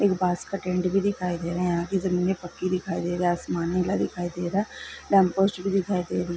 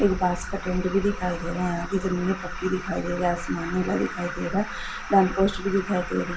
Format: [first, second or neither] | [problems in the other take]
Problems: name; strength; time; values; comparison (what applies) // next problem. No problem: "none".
first | background sound (Alarm); 8 dB below the speech // room echo; dies away in 0.7 s